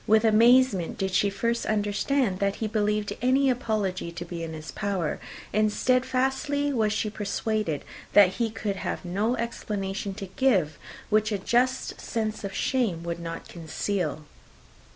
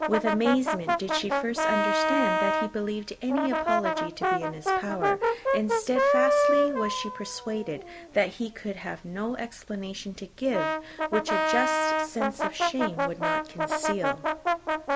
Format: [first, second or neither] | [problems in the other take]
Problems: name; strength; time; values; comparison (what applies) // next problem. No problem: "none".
first | background sound (Brass instrument); 3 dB above the speech